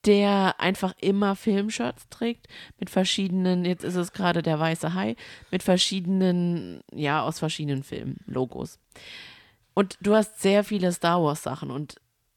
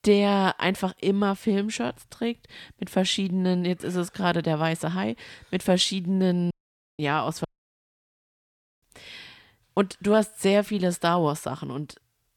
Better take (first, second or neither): first